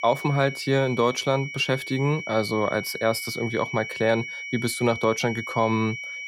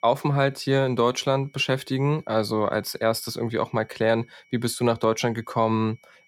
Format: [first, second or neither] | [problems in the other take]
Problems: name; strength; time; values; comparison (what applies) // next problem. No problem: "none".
second | high-pitched whine; loud; throughout; 2.5 kHz, 8 dB below the speech; faint in the second